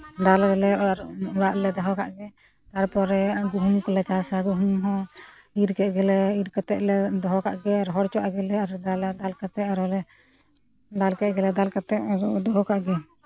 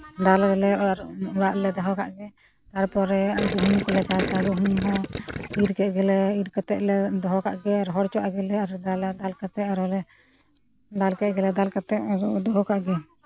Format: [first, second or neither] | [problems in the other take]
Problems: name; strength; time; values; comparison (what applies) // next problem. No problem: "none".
first | background sound (Gurgling); 5 dB below the speech